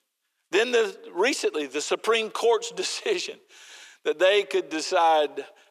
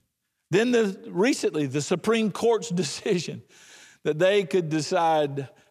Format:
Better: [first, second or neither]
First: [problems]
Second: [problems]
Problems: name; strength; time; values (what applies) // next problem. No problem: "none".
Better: second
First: thin; somewhat; fading below 350 Hz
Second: none